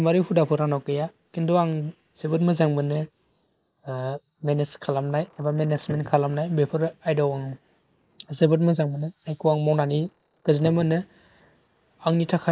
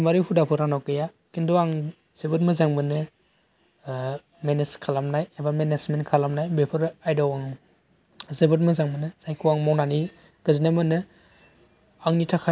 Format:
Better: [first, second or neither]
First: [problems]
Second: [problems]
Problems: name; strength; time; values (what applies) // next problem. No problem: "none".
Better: second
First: noise reduction (neural mask model Resemble Enhance denoiser)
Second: none